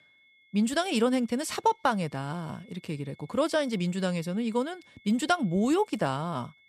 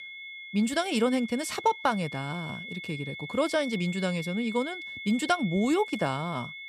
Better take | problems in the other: first | high-pitched whine; loud; throughout; 2 kHz, 9 dB below the speech; faint in the first

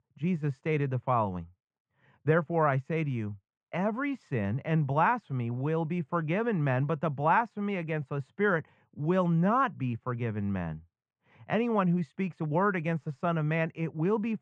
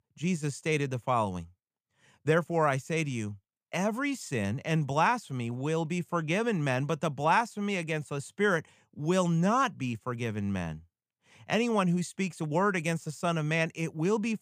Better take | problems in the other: second | muffled; very; fading above 1.5 kHz

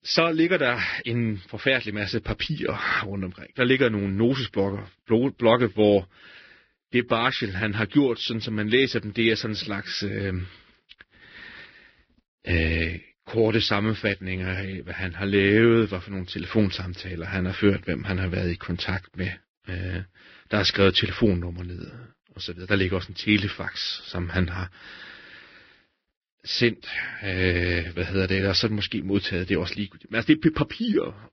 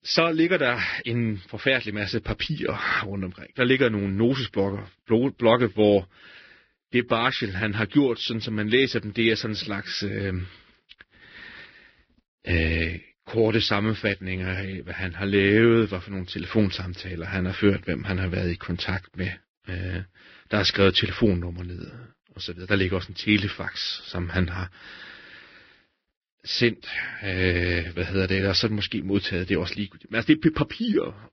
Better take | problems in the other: neither | garbled, watery; badly; nothing above 5.5 kHz; the same in both

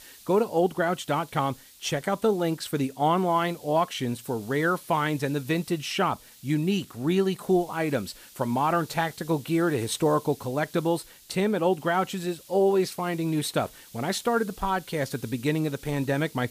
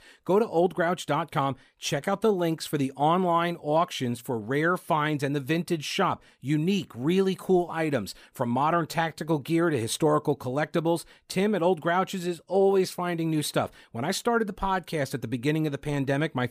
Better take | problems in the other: second | hiss; faint; throughout; 20 dB below the speech

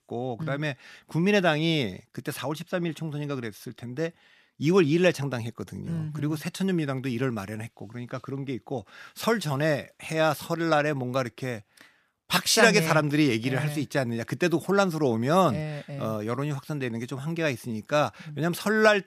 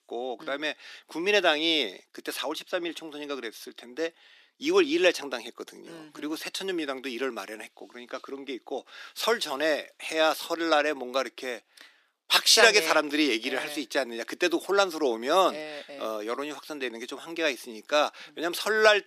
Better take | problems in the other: first | thin; somewhat; fading below 300 Hz

